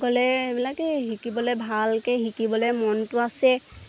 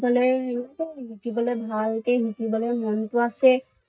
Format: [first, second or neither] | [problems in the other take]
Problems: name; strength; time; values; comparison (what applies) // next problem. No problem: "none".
first | noise reduction (neural mask model DeepFilterNet 3)